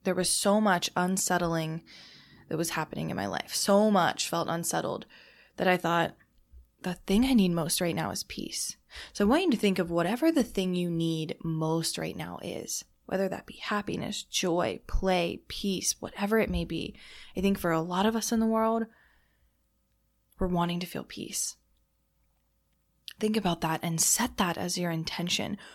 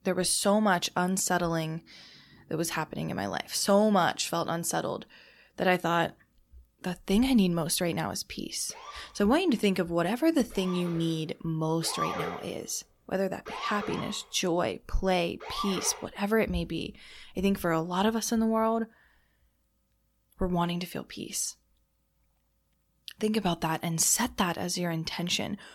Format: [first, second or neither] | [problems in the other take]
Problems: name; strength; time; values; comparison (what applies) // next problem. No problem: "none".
first | siren; noticeable; from 9 to 16 s; peak 4 dB below the speech